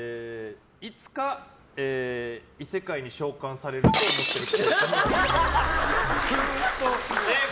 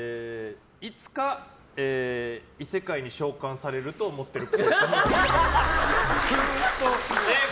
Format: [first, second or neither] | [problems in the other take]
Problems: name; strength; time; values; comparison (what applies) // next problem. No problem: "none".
second | background sound (Shatter); 3 dB below the speech